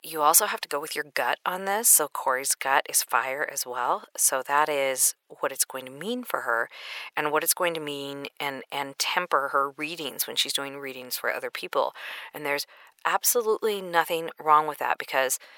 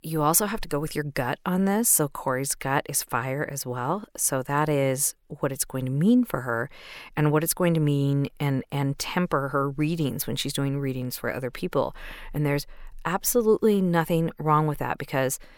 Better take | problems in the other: second | thin; very; fading below 700 Hz

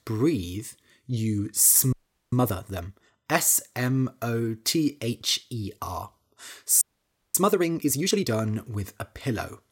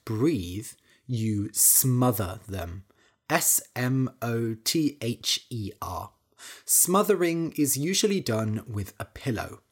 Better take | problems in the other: second | audio freezing; at 2 s and at 7 s for 0.5 s

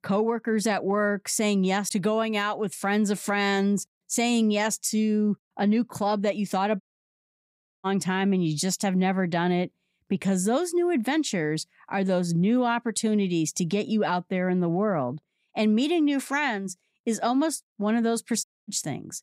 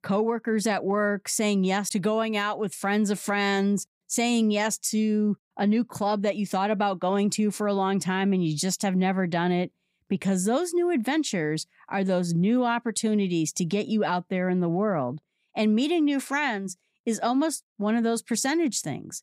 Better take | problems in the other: second | audio cutting out; at 7 s for 1 s and at 18 s

